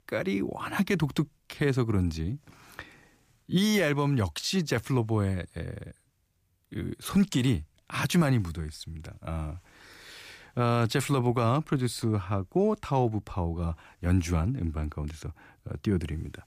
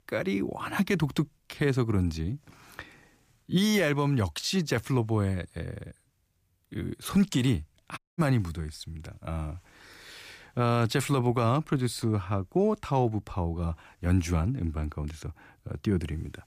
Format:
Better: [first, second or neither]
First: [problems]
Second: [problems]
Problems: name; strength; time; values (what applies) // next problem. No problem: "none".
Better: first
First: none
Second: audio cutting out; at 8 s